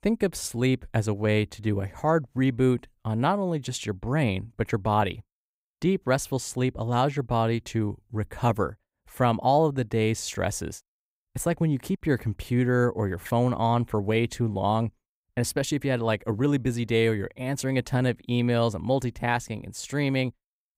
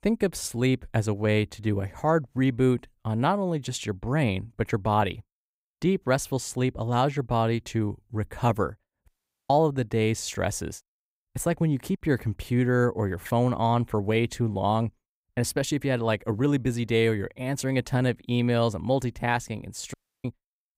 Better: first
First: none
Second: audio cutting out; at 9 s and at 20 s

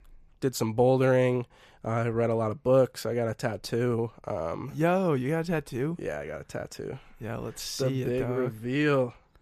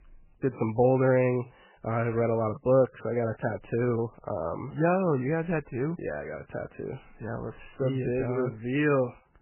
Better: first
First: none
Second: garbled, watery; badly; nothing above 2.5 kHz

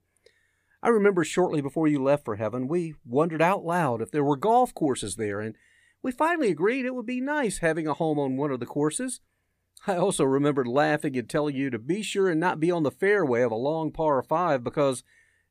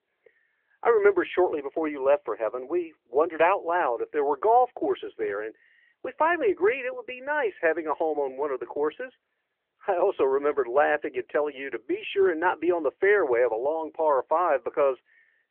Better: first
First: none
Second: phone-call audio; nothing above 3 kHz

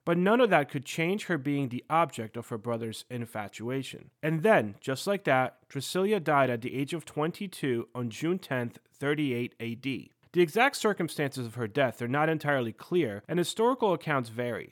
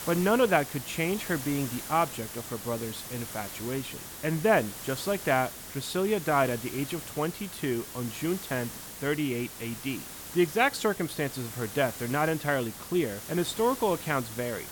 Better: first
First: none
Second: hiss; loud; throughout; 9 dB below the speech

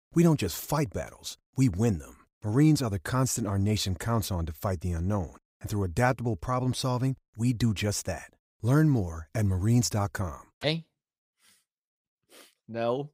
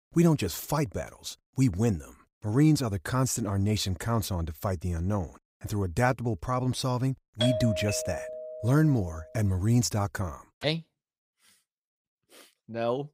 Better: first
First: none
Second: doorbell; noticeable; from 7.5 to 9 s; peak 1 dB below the speech

